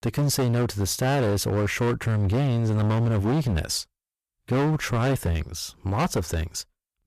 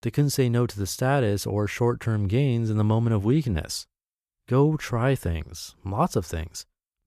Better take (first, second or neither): second